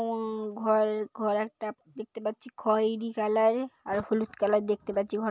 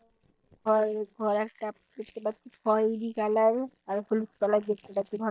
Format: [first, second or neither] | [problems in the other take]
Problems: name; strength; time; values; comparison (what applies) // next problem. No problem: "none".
first | noise reduction (neural mask model DeepFilterNet 3)